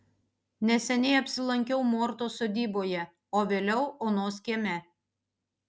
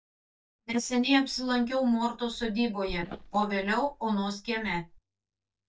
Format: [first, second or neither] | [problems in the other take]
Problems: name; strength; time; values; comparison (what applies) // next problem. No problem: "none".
first | noise reduction (neural mask model DeepFilterNet 3)